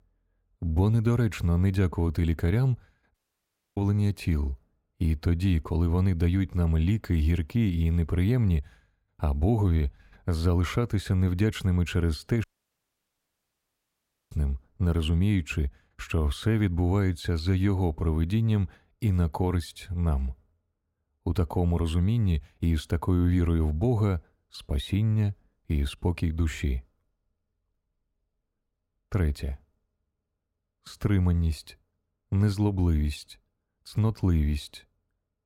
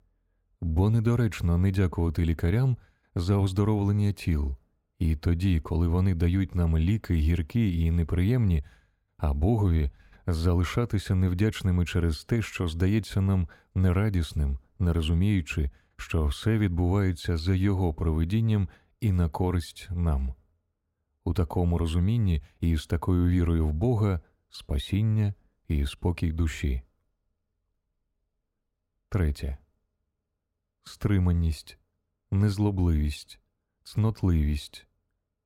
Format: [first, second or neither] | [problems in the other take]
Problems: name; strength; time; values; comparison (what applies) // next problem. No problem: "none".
second | audio cutting out; at 3 s for 0.5 s and at 12 s for 2 s